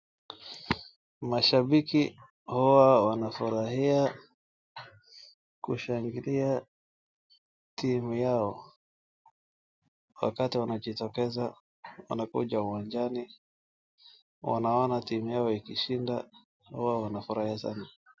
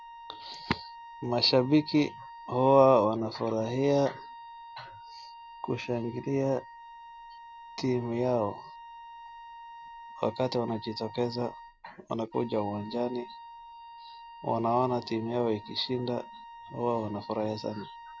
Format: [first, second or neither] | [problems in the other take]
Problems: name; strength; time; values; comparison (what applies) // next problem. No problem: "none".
first | background sound (Wind instrument, woodwind instrument); 17 dB below the speech